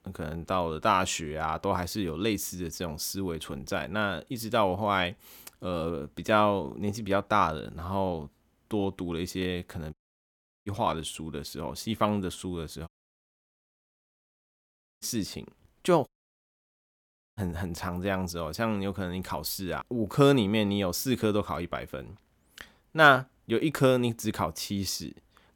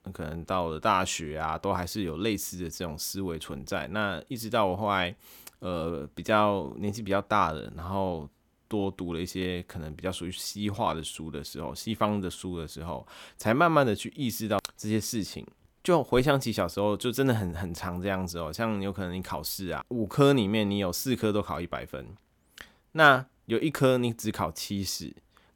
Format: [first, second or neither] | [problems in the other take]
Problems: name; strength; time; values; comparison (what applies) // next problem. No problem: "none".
second | audio cutting out; at 10 s for 0.5 s, at 13 s for 2 s and at 16 s for 1.5 s